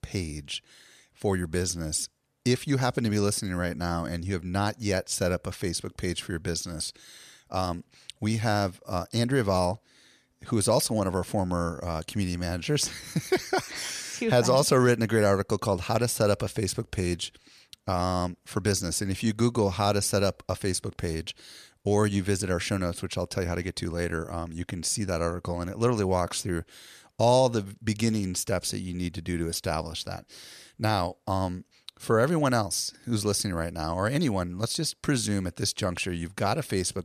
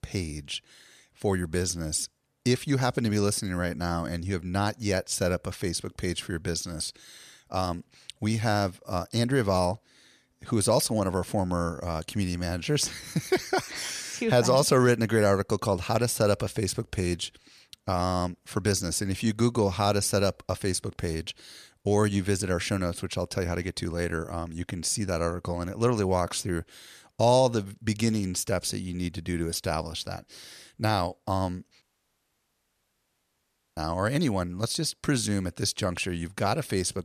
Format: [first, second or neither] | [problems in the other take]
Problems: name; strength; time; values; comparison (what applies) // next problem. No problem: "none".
first | audio cutting out; at 32 s for 2 s